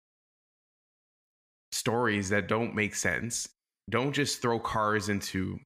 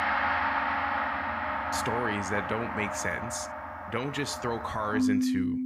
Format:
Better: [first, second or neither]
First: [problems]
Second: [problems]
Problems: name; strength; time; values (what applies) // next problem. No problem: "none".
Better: first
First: none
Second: background music; very loud; throughout; 2 dB above the speech